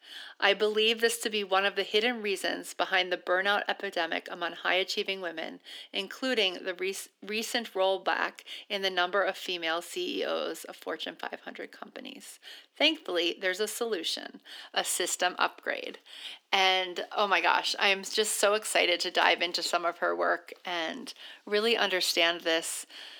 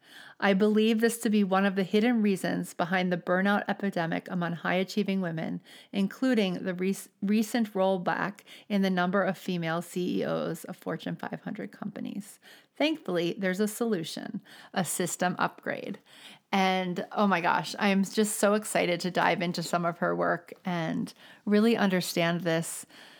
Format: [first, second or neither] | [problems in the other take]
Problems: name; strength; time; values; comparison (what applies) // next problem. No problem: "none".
second | thin; very; fading below 300 Hz